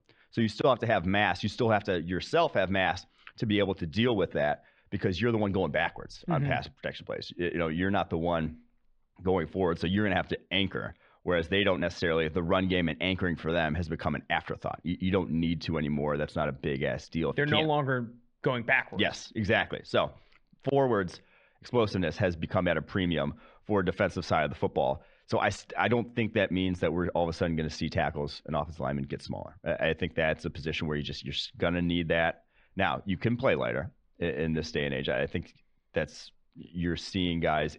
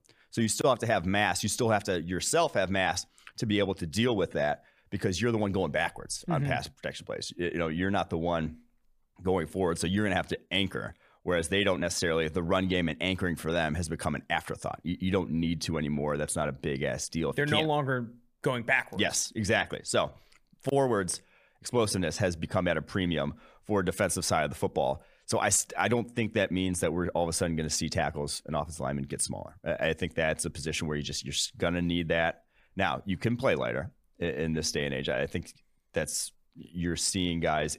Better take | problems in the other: second | muffled; slightly; fading above 4 kHz

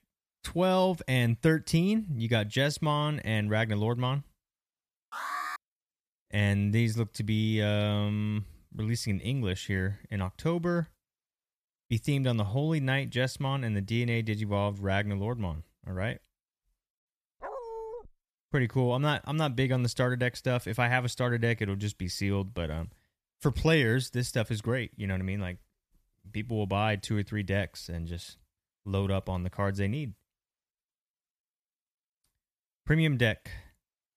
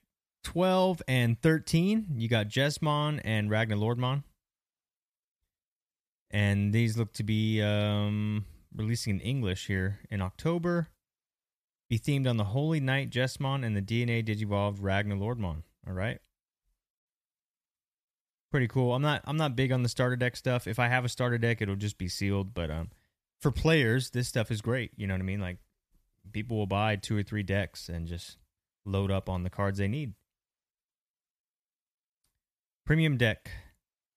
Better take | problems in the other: second | alarm; noticeable; at 5 s; peak 4 dB below the speech // dog barking; noticeable; at 17 s; peak 10 dB below the speech

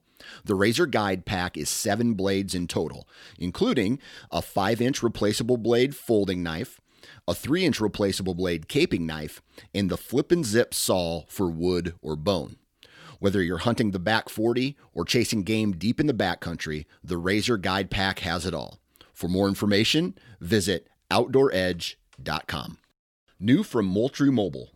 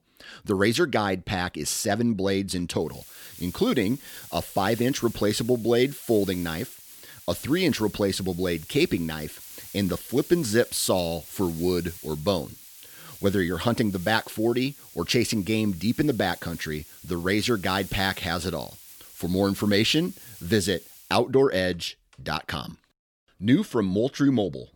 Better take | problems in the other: first | hiss; noticeable; from 3 to 21 s; 15 dB below the speech

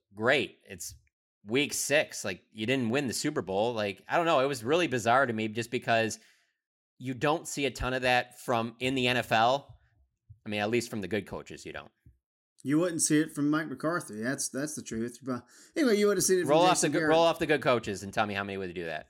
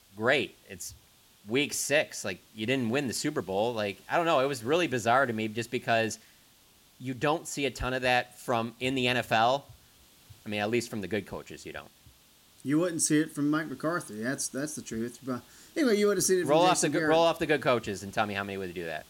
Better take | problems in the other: first | hiss; faint; throughout; 30 dB below the speech

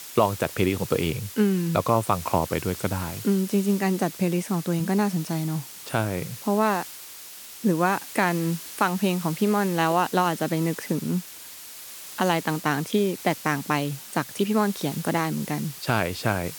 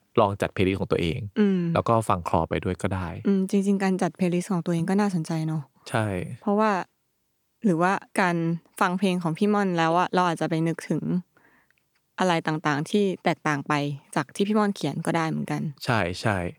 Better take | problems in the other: second | hiss; noticeable; throughout; 10 dB below the speech

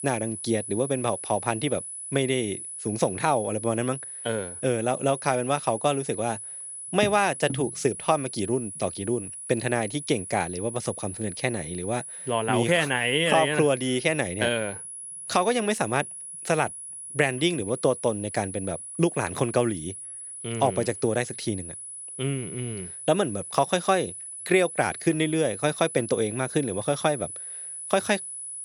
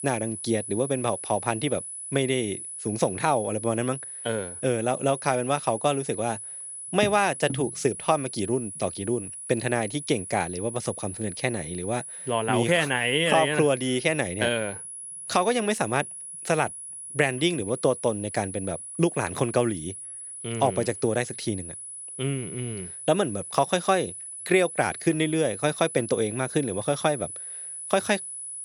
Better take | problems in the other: neither | high-pitched whine; loud; throughout; 10 kHz, 9 dB below the speech; the same in both

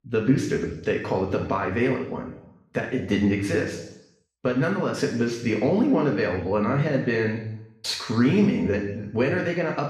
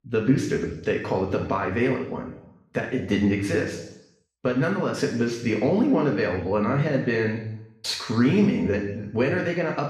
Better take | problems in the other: neither | room echo; noticeable; dies away in 0.8 s; the same in both // off-mic speech; far; the same in both

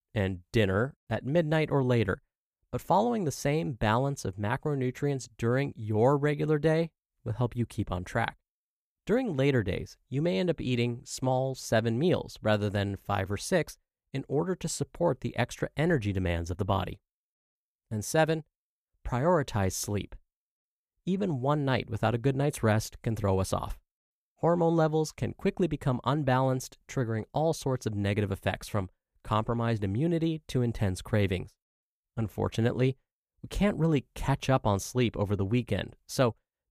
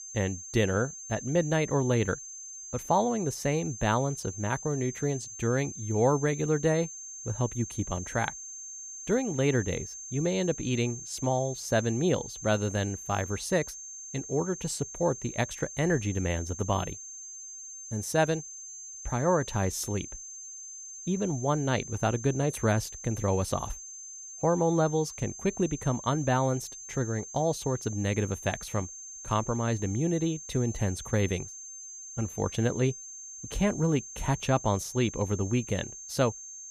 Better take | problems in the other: first | high-pitched whine; noticeable; throughout; 6.5 kHz, 10 dB below the speech

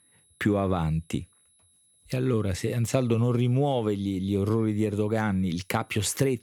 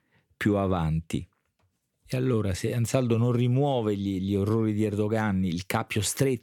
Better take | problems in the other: second | high-pitched whine; faint; throughout; 11 kHz, 35 dB below the speech

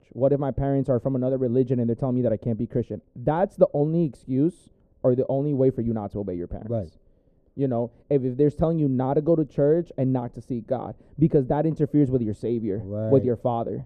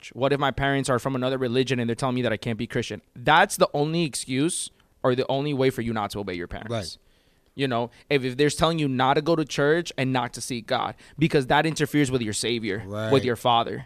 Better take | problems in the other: second | muffled; very; fading above 1 kHz

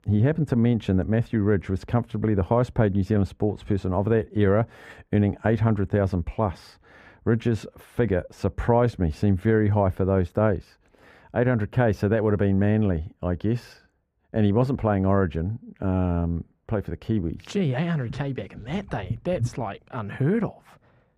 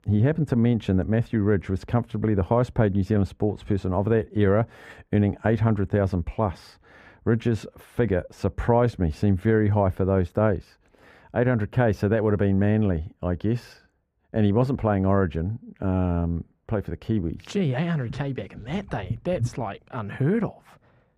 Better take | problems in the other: neither | muffled; very; fading above 3 kHz; the same in both

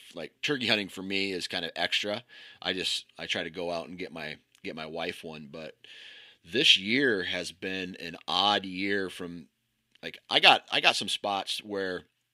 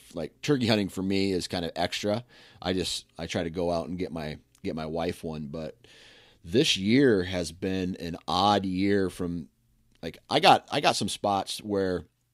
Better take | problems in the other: second | thin; very slightly; fading below 550 Hz

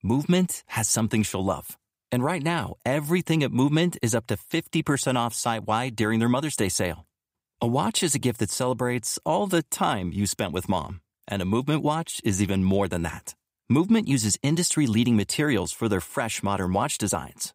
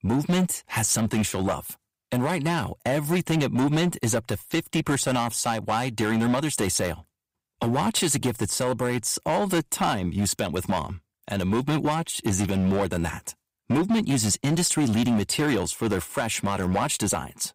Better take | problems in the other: first | distortion; slight; 10% of the sound clipped

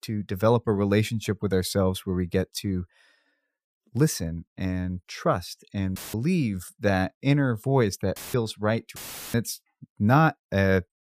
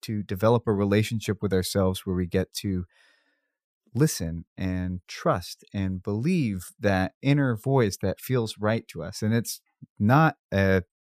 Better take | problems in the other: second | audio cutting out; filled with static; at 6 s, at 8 s and at 9 s

